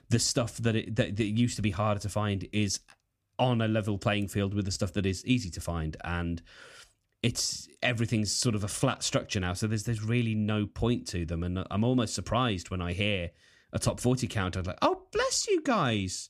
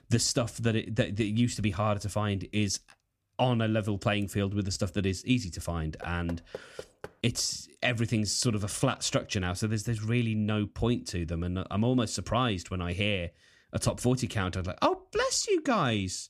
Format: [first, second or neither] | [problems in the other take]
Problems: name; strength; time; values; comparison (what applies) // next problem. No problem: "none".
first | door banging; faint; from 6 to 7 s; peak 15 dB below the speech